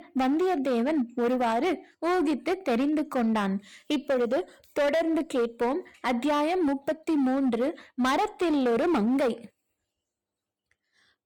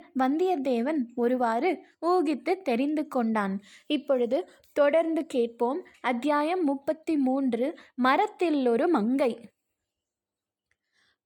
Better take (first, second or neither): second